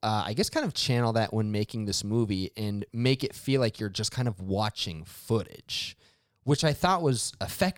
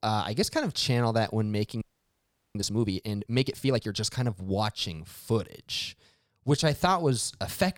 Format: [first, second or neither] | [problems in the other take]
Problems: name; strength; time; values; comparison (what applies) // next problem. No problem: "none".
first | audio freezing; at 2 s for 0.5 s